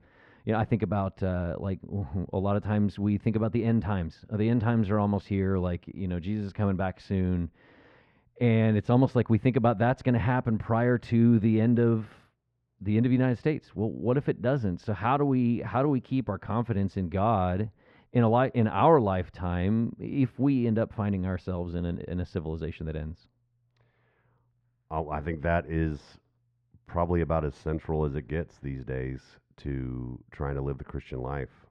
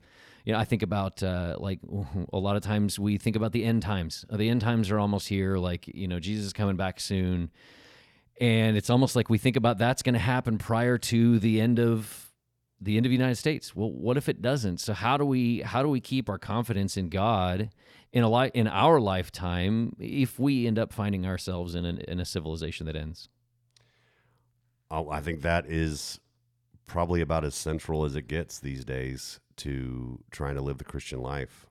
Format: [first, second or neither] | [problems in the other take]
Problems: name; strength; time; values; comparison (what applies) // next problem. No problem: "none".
second | muffled; very; fading above 1.5 kHz